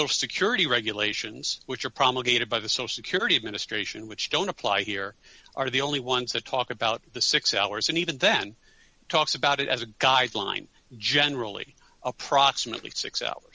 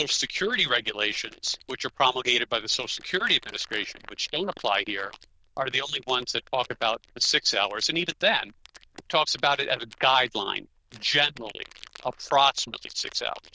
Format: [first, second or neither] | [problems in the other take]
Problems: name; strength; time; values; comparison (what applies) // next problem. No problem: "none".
first | noise reduction (neural diffusion model UNIVERSE++)